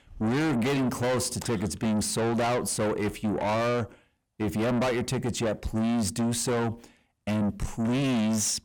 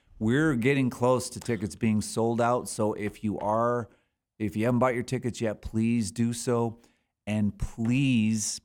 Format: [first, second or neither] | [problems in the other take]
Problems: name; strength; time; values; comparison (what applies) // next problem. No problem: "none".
second | distortion; heavy; 6 dB below the speech